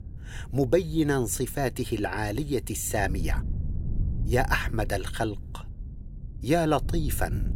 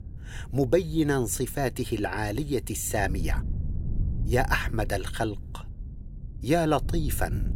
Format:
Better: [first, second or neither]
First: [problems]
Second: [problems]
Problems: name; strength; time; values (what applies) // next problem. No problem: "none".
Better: neither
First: wind noise on the microphone; occasional gusts; 20 dB below the speech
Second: wind noise on the microphone; occasional gusts; 20 dB below the speech